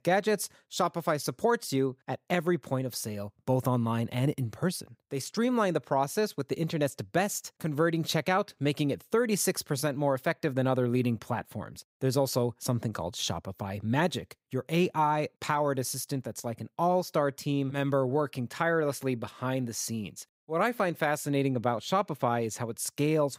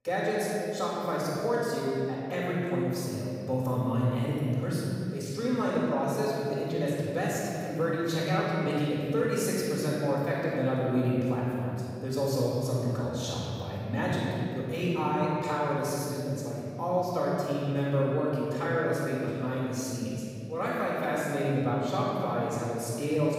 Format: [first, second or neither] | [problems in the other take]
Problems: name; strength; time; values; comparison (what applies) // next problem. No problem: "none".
first | off-mic speech; far // room echo; strong; dies away in 2.6 s